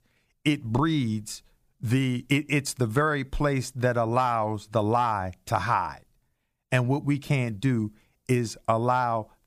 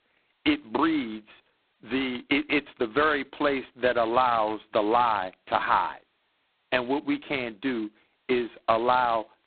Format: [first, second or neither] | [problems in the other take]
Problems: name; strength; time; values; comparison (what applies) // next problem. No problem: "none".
first | phone-call audio; poor line; nothing above 4 kHz